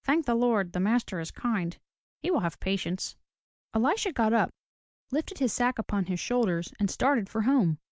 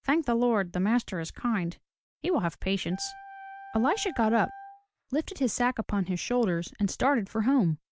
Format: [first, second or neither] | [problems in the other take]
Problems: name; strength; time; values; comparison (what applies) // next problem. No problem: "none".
first | background sound (Wind instrument, woodwind instrument); 18 dB below the speech